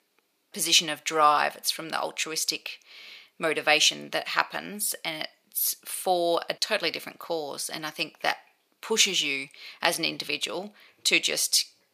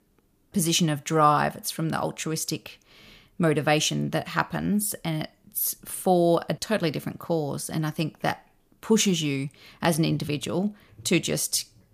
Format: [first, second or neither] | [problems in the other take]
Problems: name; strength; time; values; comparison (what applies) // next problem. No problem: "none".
second | thin; very; fading below 500 Hz